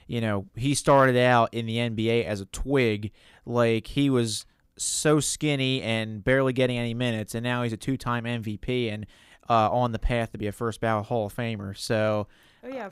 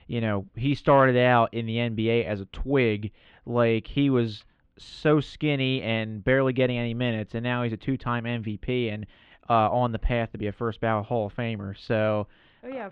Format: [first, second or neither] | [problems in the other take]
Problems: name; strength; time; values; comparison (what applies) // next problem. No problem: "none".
first | muffled; very; fading above 3 kHz